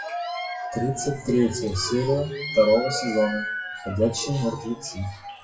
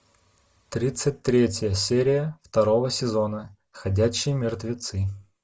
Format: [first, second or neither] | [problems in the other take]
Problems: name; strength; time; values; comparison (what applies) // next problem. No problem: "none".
second | noise reduction (classical method WPE with log-MMSE)